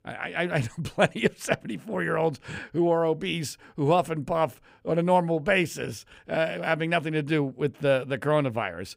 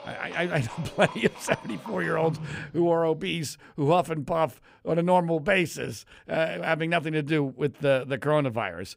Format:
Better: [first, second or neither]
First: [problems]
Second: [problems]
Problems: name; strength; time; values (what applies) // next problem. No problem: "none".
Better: first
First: none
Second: animal sounds; noticeable; until 3 s; 15 dB below the speech